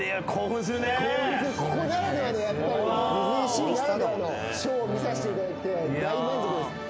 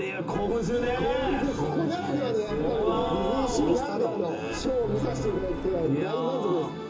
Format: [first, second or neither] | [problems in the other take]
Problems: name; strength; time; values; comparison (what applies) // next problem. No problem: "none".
first | background sound (Vehicle horn, car horn, honking); 11 dB below the speech // room echo; dies away in 0.2 s